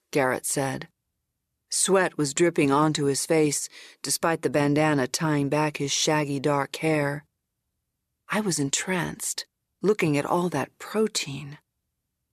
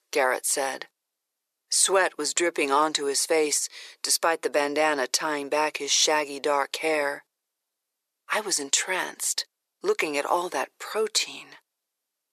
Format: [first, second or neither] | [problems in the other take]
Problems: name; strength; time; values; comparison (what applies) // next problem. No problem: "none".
first | thin; somewhat; fading below 450 Hz